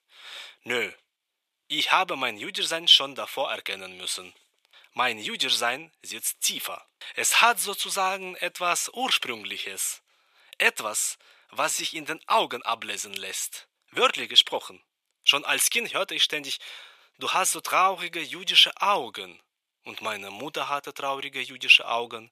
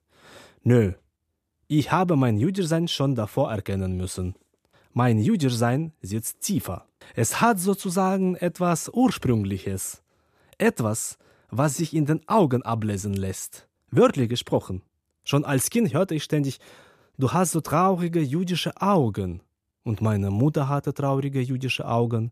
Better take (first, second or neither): second